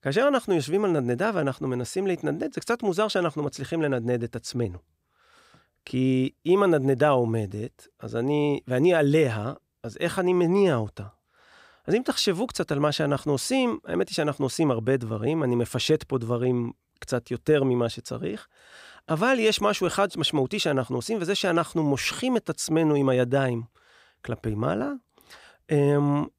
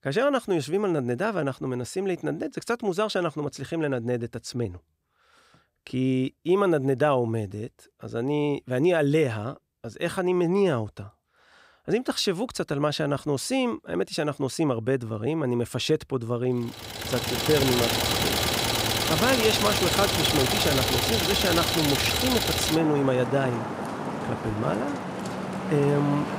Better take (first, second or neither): first